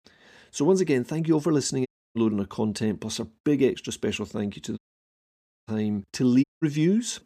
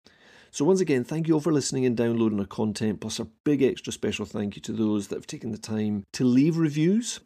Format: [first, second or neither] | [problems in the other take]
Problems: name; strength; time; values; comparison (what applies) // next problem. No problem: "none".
second | audio cutting out; at 2 s, at 5 s for 1 s and at 6.5 s